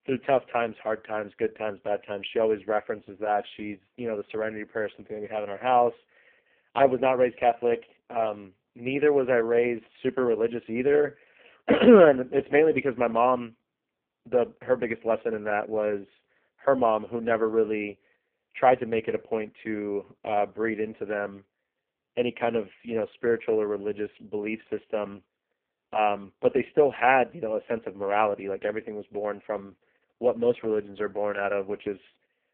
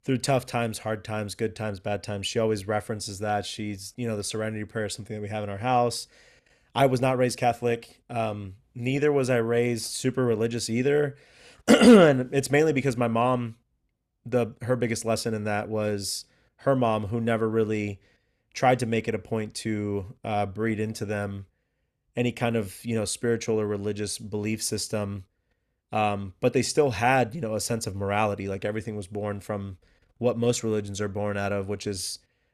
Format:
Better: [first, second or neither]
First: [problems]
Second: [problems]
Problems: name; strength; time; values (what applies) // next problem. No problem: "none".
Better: second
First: phone-call audio; poor line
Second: none